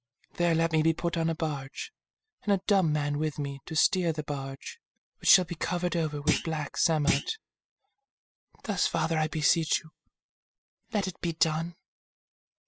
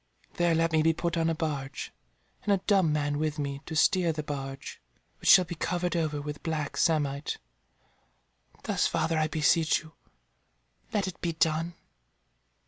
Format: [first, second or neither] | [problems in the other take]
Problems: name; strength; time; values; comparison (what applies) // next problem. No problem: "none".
second | noise reduction (classical method spectral subtraction)